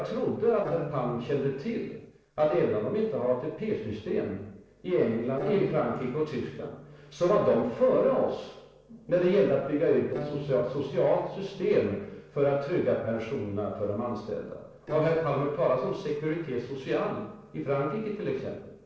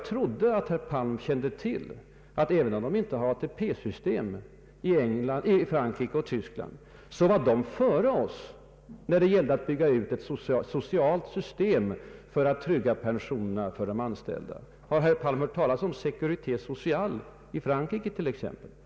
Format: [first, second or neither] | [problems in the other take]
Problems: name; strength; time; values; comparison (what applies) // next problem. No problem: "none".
second | noise reduction (neural separator model SepFormer DNS4)